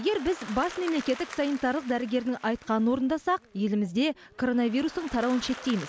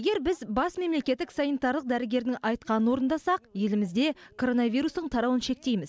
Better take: second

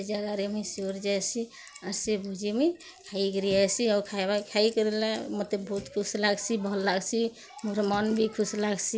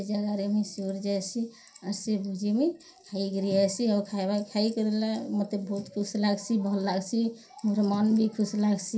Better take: first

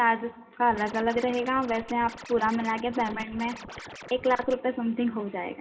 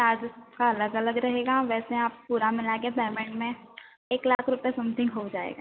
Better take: second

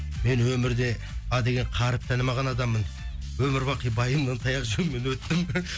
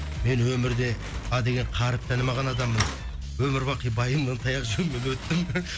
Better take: first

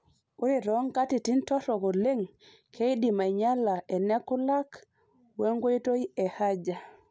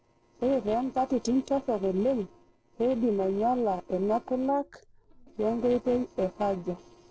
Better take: first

